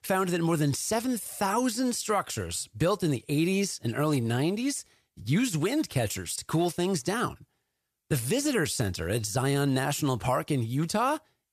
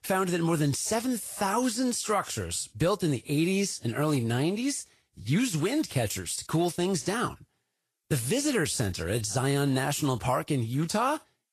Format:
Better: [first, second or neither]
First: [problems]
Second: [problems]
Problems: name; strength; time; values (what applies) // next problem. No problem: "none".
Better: first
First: none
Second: garbled, watery; slightly; nothing above 12.5 kHz